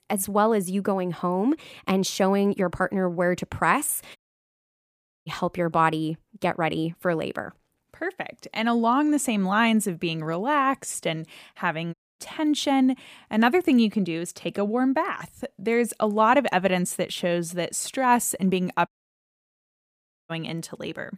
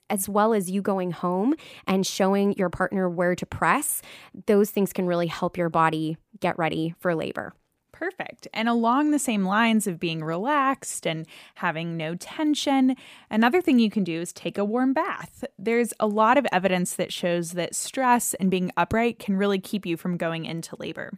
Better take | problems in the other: second | audio cutting out; at 4 s for 1 s, at 12 s and at 19 s for 1.5 s

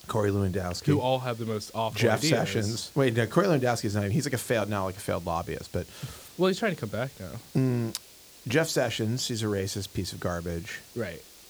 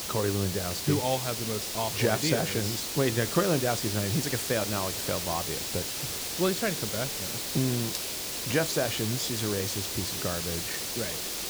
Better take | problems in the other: first | hiss; loud; throughout; 1 dB below the speech; faint in the first

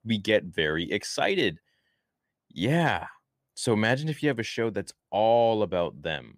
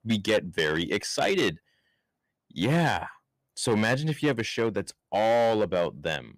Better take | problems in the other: first | distortion; slight; 6% of the sound clipped

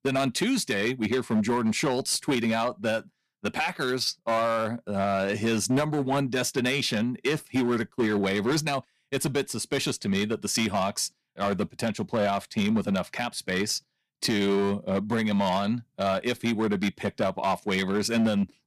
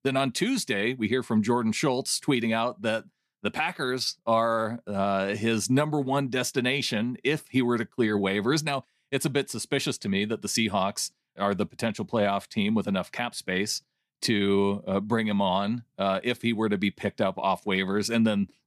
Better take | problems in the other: second | distortion; slight; 8% of the sound clipped

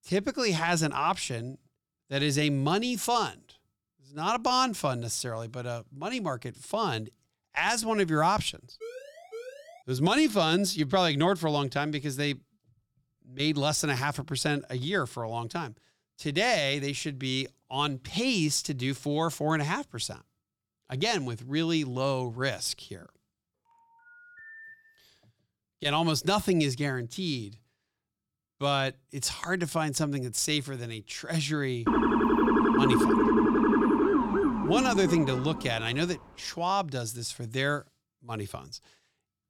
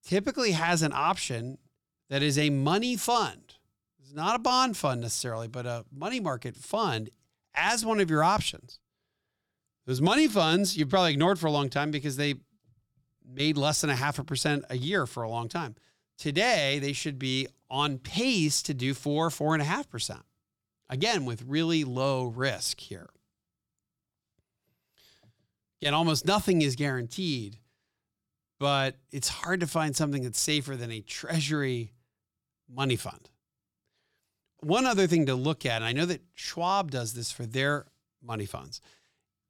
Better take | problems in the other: second | siren; faint; from 9 to 10 s; peak 15 dB below the speech // phone ringing; faint; from 24 to 25 s; peak 15 dB below the speech // siren; loud; from 32 to 36 s; peak 6 dB above the speech

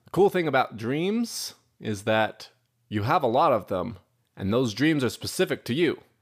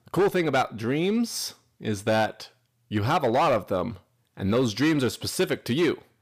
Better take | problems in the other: first | distortion; slight; 6% of the sound clipped

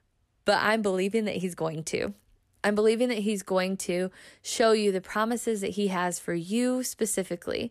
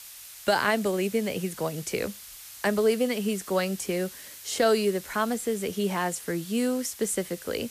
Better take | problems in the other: first | hiss; noticeable; throughout; 15 dB below the speech

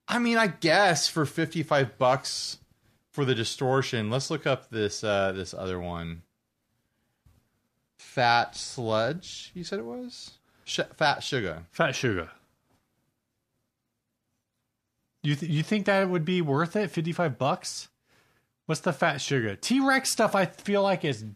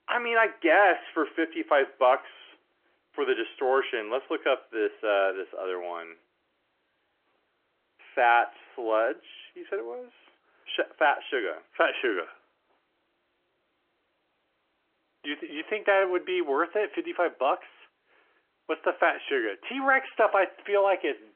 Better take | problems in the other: first | phone-call audio; nothing above 3 kHz

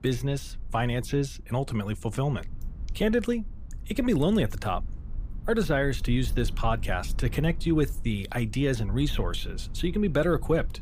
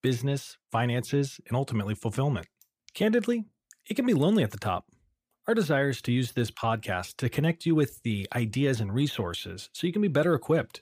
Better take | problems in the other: second | low rumble; faint; throughout; 25 dB below the speech

